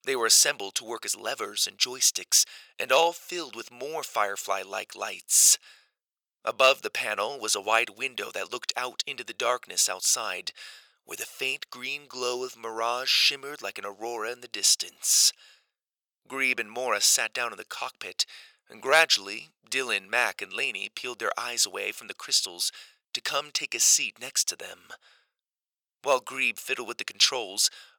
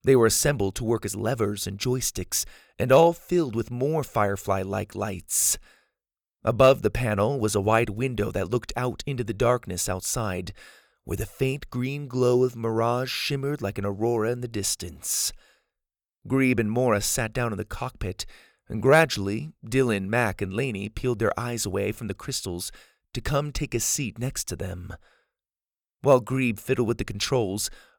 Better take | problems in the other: second | thin; very; fading below 750 Hz

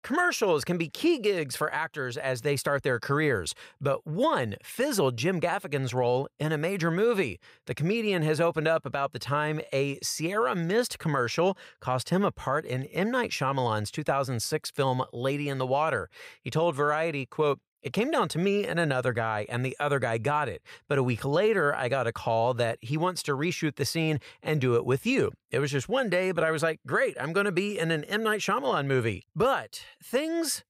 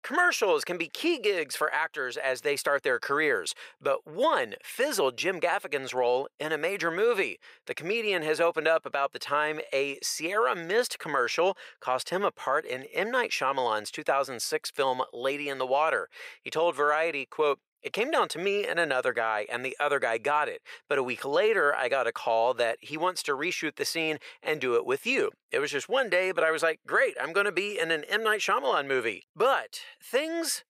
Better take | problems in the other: first | thin; somewhat; fading below 450 Hz

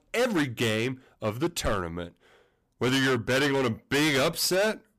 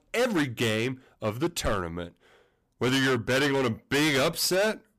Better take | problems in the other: neither | distortion; heavy; 16% of the sound clipped; the same in both

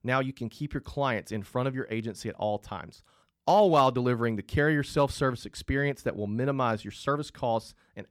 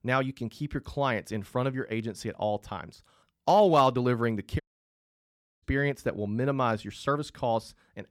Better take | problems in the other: first | audio cutting out; at 4.5 s for 1 s

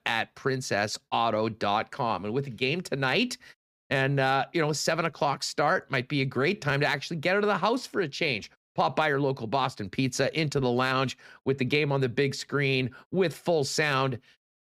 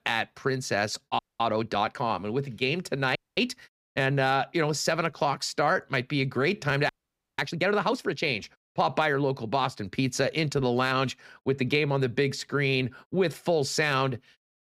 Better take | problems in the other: first | audio freezing; at 1 s, at 3 s and at 7 s

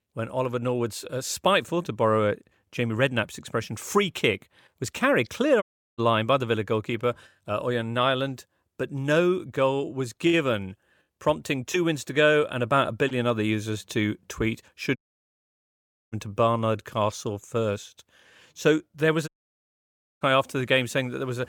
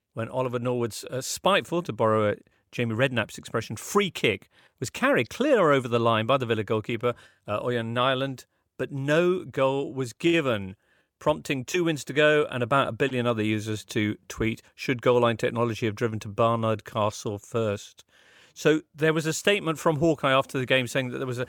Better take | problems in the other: second | audio cutting out; at 5.5 s, at 15 s for 1 s and at 19 s for 1 s

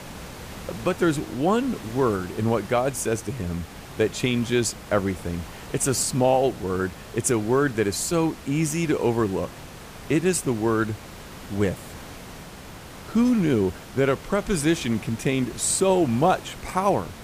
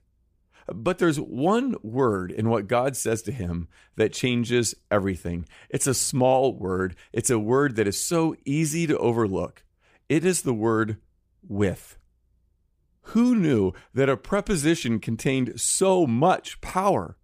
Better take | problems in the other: second | hiss; noticeable; throughout; 15 dB below the speech

